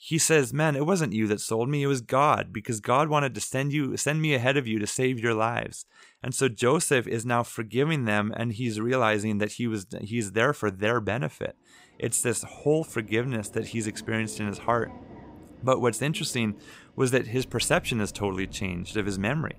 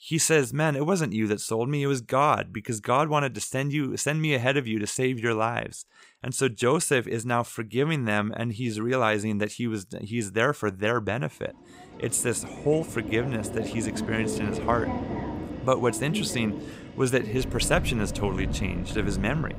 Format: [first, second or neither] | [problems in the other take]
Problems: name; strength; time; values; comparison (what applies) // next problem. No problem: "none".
first | train or aircraft noise; loud; from 12 s on; 8 dB below the speech; faint in the first